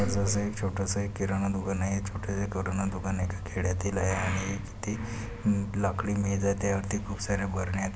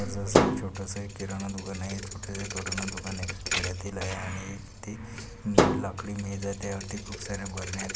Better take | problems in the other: first | background sound (Thump, thud); 3 dB above the speech

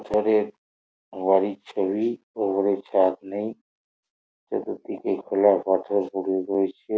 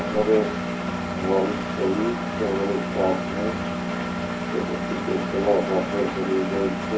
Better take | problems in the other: first | background sound (Engine); 1 dB below the speech // room echo; dies away in 0.3 s

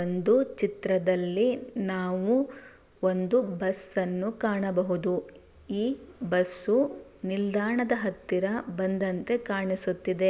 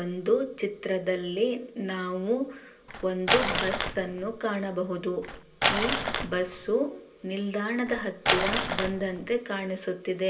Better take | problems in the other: first | background sound (Crumpling, crinkling); 1 dB below the speech // room echo; dies away in 0.2 s

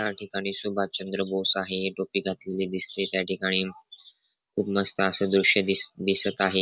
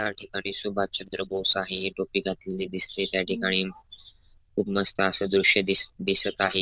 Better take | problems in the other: first | noise reduction (neural diffusion model UNIVERSE++)

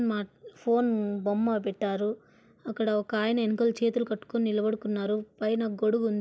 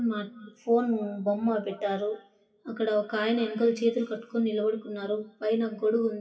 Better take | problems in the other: first | noise reduction (classical method WPE with log-MMSE)

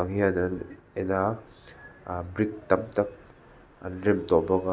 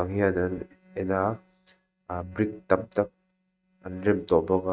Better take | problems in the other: first | noise reduction (neural mask model RNNoise)

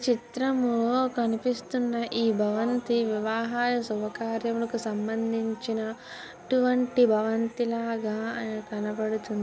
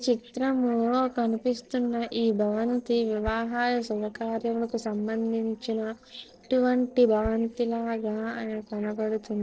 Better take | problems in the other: first | noise reduction (neural separator model SepFormer DNS4)

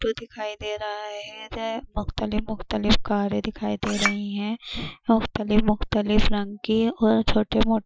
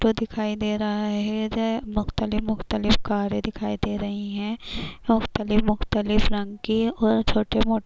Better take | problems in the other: second | noise reduction (classical method Wiener filter)

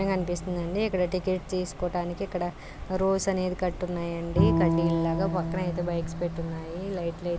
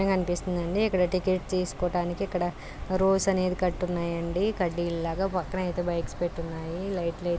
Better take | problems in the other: second | background sound (Bowed string instrument); 3 dB below the speech

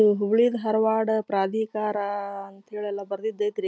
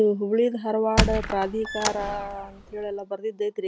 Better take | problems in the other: first | background sound (Squeak); 2 dB below the speech

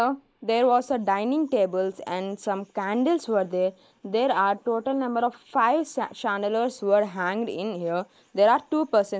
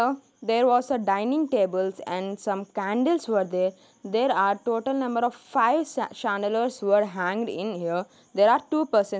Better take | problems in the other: second | noise reduction (neural mask model Resemble Enhance denoiser)

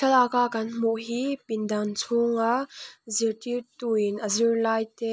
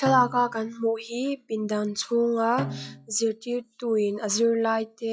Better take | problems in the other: first | noise reduction (classical method log-MMSE)

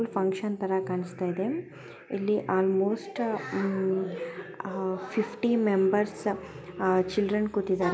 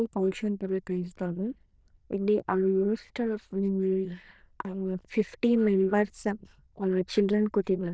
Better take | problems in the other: first | noise reduction (neural diffusion model UNIVERSE++)

